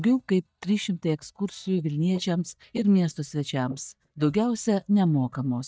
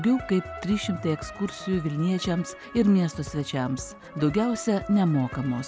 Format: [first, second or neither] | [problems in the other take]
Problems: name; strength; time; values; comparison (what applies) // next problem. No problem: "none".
second | noise reduction (neural mask model DeepFilterNet 3)